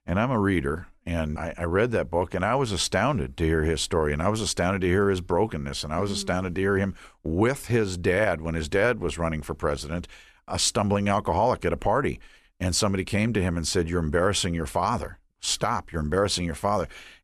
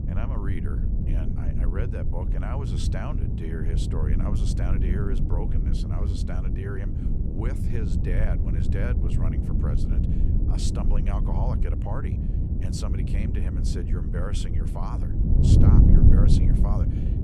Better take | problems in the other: first | wind noise on the microphone; heavy; 2 dB above the speech

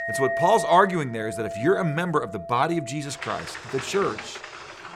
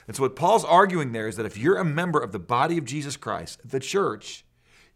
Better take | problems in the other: second | household noises; loud; throughout; 9 dB below the speech

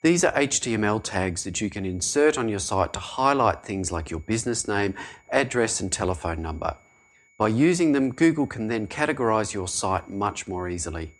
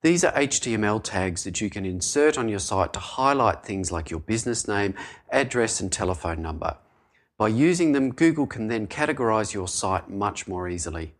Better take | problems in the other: second | high-pitched whine; faint; throughout; 2 kHz, 35 dB below the speech

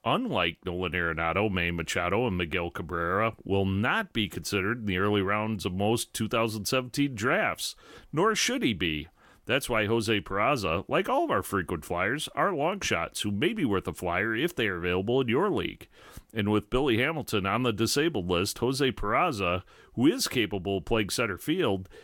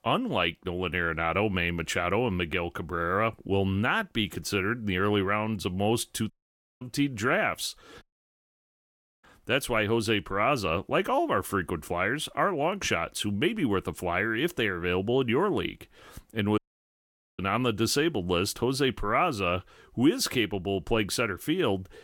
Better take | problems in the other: first | audio cutting out; at 6.5 s for 0.5 s, at 8 s for 1 s and at 17 s for 1 s

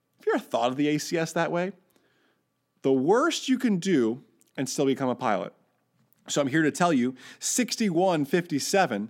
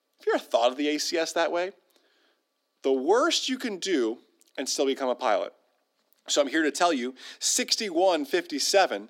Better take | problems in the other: first | thin; somewhat; fading below 300 Hz

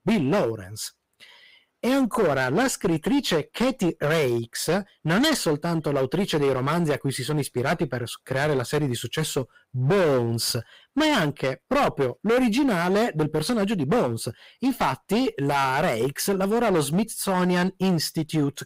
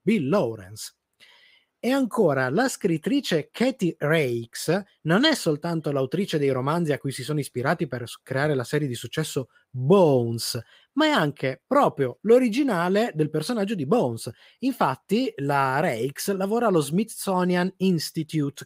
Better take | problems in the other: second | distortion; heavy; 14% of the sound clipped

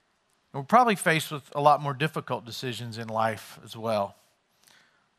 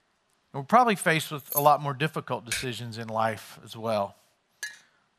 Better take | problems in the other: first | jangling keys; noticeable; at 1.5 s; peak 4 dB below the speech // keyboard typing; noticeable; at 2.5 s; peak 6 dB below the speech // clattering dishes; faint; at 4.5 s; peak 15 dB below the speech

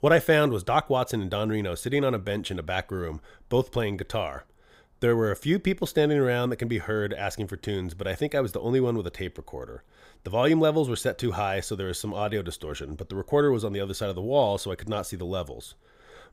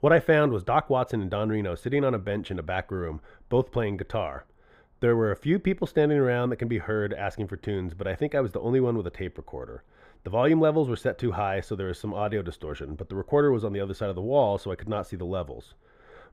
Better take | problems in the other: first | muffled; slightly; fading above 3.5 kHz

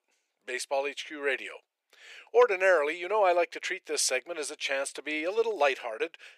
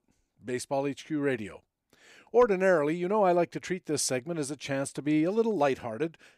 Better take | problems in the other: second | thin; very; fading below 450 Hz

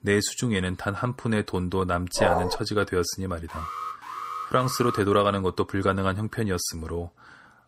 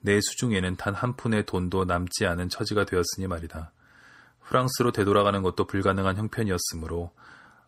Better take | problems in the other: second | dog barking; loud; at 2 s; peak 2 dB above the speech // alarm; noticeable; from 3.5 to 5 s; peak 7 dB below the speech

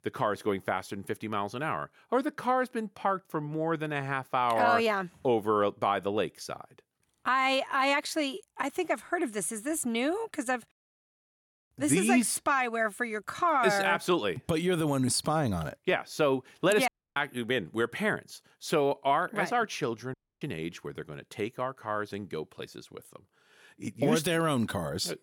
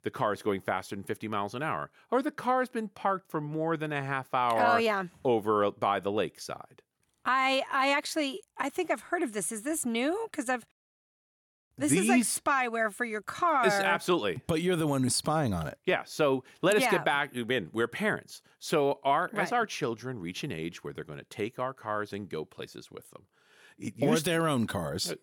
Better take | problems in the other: second | audio cutting out; at 17 s and at 20 s

